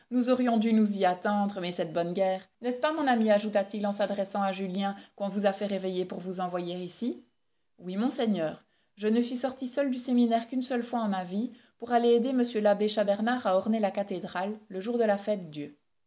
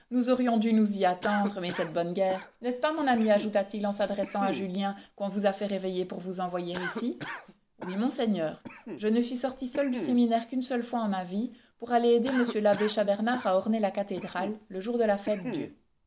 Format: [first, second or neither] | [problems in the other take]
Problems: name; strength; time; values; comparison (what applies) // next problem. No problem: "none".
first | background sound (Cough); 14 dB below the speech